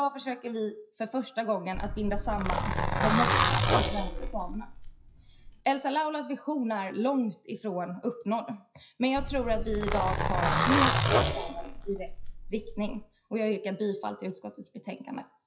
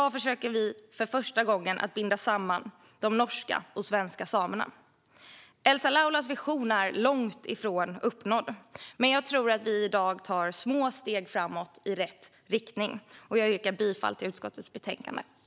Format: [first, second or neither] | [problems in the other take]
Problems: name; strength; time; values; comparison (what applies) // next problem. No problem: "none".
second | noise reduction (classical method WPE with log-MMSE)